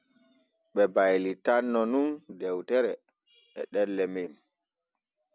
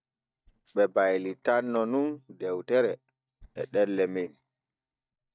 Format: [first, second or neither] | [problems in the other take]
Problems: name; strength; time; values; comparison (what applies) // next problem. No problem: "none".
first | noise reduction (neural mask model DeepFilterNet 3)